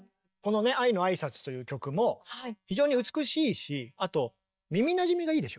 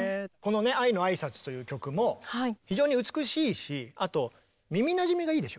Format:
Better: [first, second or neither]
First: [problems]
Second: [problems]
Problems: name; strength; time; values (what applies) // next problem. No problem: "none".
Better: second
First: noise reduction (neural mask model DeepFilterNet 3)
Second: none